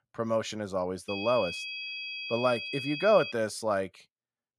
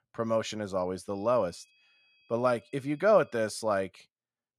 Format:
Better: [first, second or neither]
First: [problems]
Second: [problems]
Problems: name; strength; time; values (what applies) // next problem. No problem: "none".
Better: second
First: high-pitched whine; loud; from 1 to 3.5 s; 2.5 kHz, 6 dB below the speech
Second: high-pitched whine; faint; from 1 to 3.5 s; 2.5 kHz, 35 dB below the speech